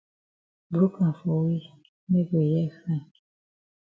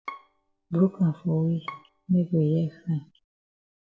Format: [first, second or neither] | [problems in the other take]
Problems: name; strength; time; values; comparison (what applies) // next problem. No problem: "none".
first | background sound (Bowed string instrument); 19 dB below the speech